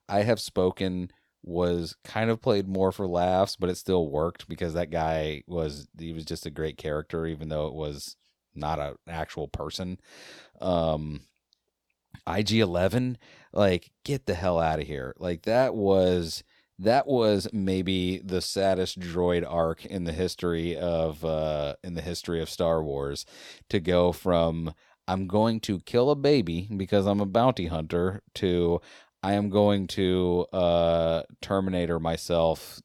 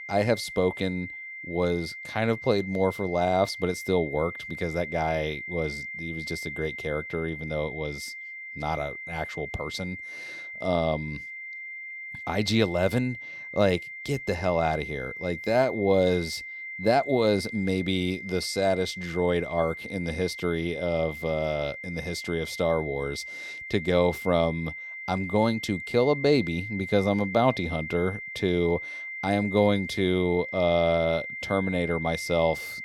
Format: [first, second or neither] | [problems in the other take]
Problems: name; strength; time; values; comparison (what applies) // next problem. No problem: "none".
first | high-pitched whine; loud; throughout; 2 kHz, 9 dB below the speech